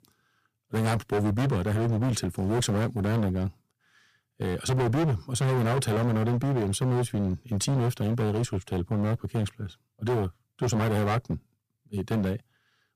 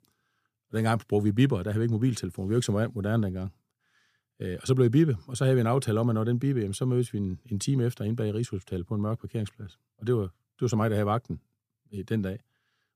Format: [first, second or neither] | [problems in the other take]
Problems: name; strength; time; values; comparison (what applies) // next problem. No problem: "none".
second | distortion; heavy; 21% of the sound clipped